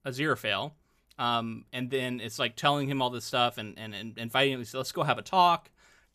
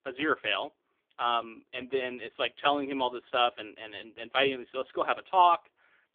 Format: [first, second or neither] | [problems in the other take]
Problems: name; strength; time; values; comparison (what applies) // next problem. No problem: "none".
first | phone-call audio; poor line; nothing above 3.5 kHz